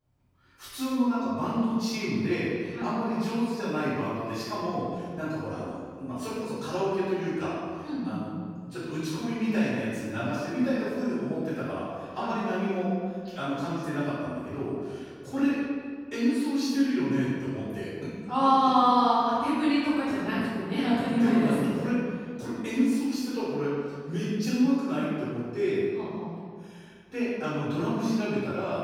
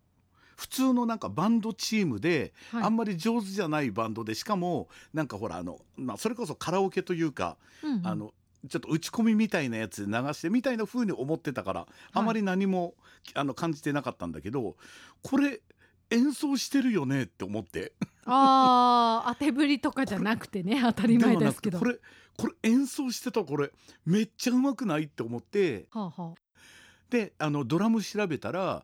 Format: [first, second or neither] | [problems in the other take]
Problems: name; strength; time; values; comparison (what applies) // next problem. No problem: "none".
second | off-mic speech; far // room echo; strong; dies away in 1.6 s